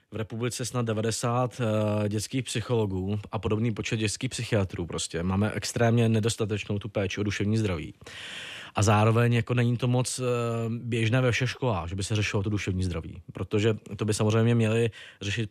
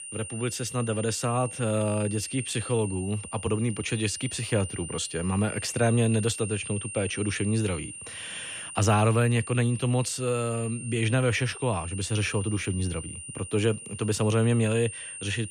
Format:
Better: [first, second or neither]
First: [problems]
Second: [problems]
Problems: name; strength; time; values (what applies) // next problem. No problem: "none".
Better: first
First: none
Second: high-pitched whine; loud; throughout; 9 kHz, 10 dB below the speech